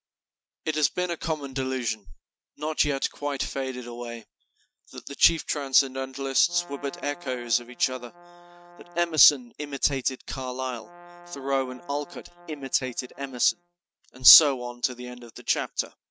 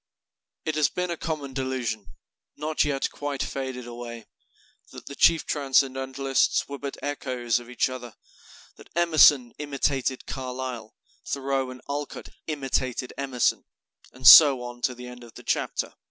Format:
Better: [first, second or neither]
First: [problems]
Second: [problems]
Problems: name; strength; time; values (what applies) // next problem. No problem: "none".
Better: second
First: noise reduction (neural mask model RNNoise)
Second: none